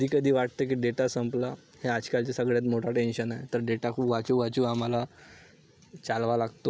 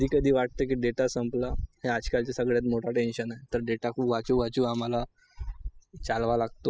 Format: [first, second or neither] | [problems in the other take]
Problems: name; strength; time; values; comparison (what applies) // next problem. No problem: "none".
first | noise reduction (classical method spectral subtraction)